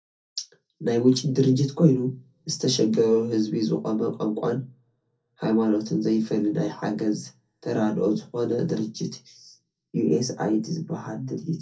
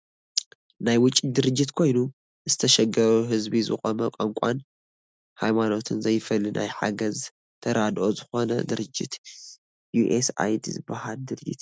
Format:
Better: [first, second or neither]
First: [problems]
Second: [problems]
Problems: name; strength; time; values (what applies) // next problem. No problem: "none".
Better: second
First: room echo; dies away in 0.3 s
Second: none